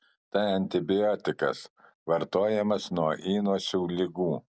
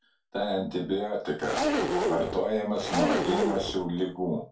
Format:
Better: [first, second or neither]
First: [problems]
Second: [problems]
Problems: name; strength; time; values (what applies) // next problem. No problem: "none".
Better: first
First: none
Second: background sound (Zipper (clothing)); 2 dB above the speech // room echo; dies away in 0.2 s